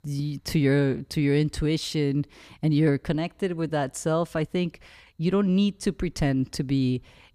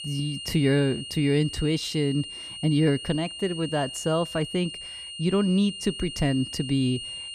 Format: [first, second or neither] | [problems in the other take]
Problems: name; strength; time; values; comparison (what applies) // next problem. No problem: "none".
first | high-pitched whine; loud; throughout; 3 kHz, 9 dB below the speech